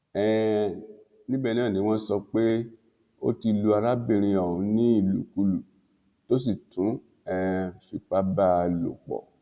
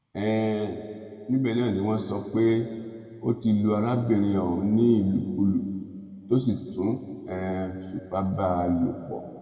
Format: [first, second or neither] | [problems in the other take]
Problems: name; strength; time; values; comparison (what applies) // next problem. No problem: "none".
first | room echo; dies away in 2.1 s